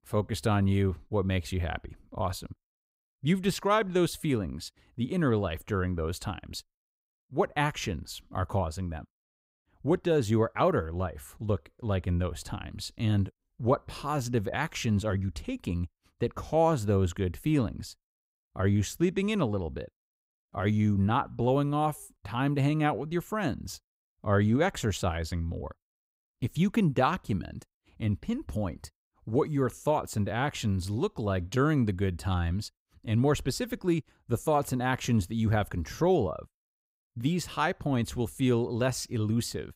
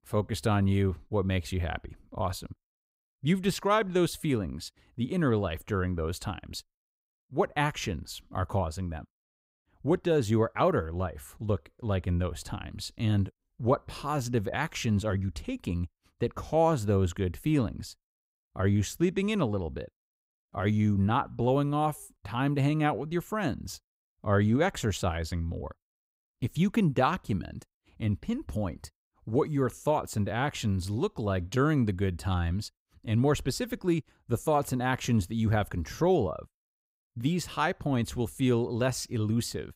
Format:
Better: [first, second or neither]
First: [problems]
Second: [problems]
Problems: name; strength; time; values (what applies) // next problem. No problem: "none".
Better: neither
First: none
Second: none